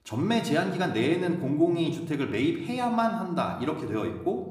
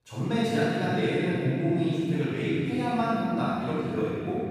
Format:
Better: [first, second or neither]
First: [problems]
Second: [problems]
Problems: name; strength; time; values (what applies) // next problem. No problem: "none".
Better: first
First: room echo; slight; dies away in 0.8 s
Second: room echo; strong; dies away in 2.7 s // off-mic speech; far